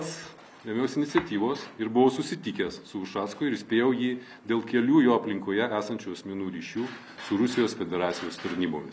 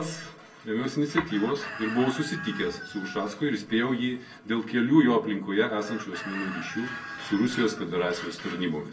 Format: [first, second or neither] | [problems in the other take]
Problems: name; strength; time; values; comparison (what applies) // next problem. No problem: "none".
first | background sound (Chicken, rooster); 13 dB below the speech // room echo; dies away in 0.1 s